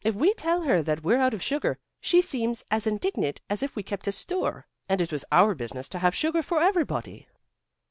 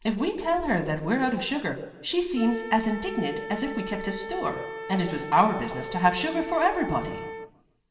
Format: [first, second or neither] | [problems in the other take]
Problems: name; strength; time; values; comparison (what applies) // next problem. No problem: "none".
first | background sound (Wind instrument, woodwind instrument); 11 dB below the speech // room echo; dies away in 0.9 s